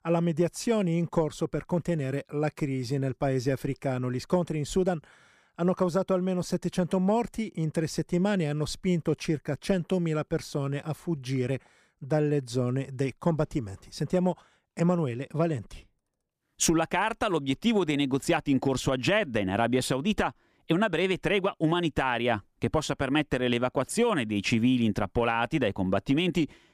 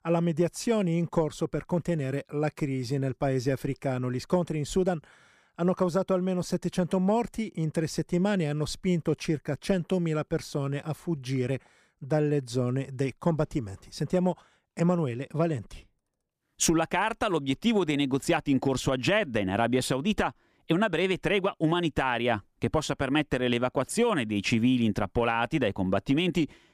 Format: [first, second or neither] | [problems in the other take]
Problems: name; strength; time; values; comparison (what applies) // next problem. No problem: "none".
neither | none